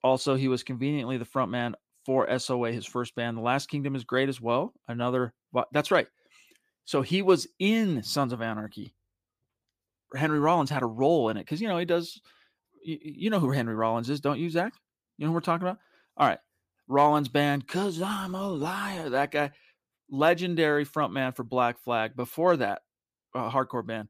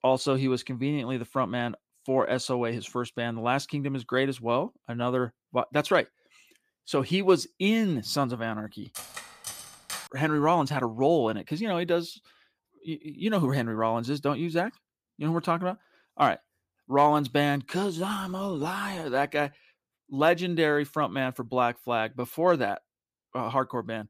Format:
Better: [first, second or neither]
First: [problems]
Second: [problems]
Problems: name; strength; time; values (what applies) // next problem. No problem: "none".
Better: first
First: none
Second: clattering dishes; noticeable; from 9 to 10 s; peak 9 dB below the speech